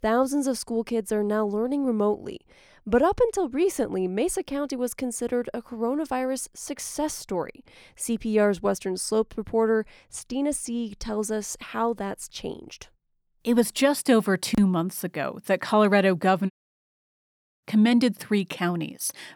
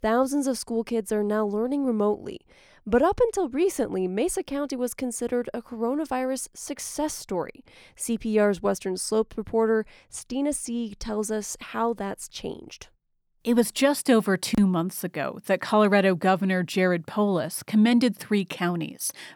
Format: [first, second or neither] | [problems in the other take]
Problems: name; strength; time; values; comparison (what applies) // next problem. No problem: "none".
second | audio cutting out; at 17 s for 1 s